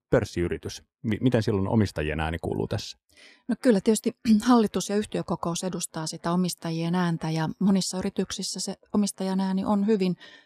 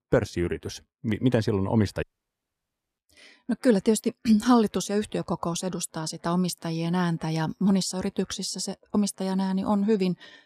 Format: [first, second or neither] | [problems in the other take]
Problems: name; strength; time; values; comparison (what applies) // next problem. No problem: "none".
first | audio cutting out; at 2 s for 1 s